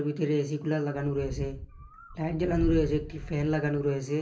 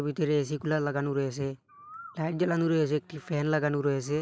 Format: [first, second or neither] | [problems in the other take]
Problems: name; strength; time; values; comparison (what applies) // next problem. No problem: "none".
second | background sound (Wind); 8 dB below the speech // room echo; dies away in 0.3 s